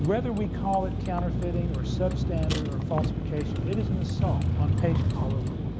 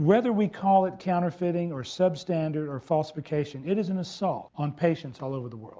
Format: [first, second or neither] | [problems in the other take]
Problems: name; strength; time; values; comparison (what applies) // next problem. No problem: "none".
second | background sound (Vehicle); 5 dB above the speech